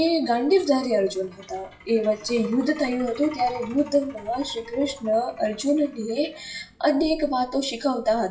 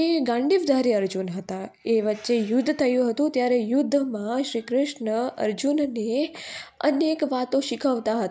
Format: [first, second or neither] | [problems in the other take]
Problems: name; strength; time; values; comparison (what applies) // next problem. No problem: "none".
second | noise reduction (classical method WPE with log-MMSE)